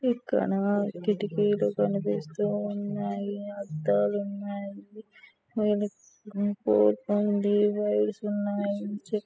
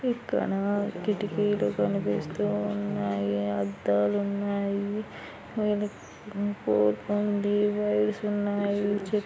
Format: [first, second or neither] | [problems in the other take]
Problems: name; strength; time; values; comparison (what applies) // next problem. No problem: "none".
second | noise reduction (classical method spectral subtraction)